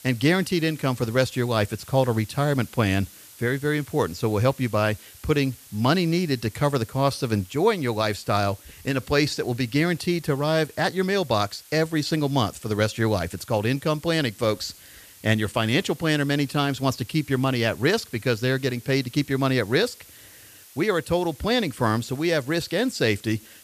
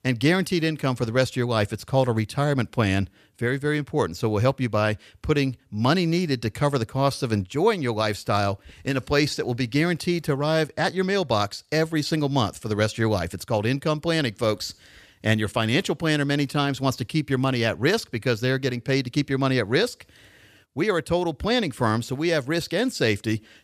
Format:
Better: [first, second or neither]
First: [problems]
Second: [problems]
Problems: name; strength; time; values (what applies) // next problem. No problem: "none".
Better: second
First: hiss; faint; throughout; 20 dB below the speech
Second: none